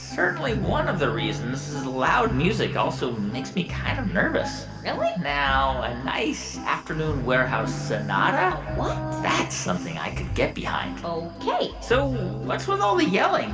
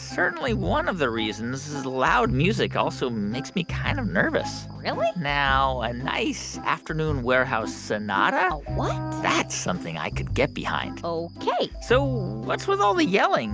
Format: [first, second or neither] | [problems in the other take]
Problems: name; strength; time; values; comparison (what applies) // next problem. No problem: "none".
second | background sound (Bowed string instrument); 13 dB below the speech // room echo; dies away in 2.8 s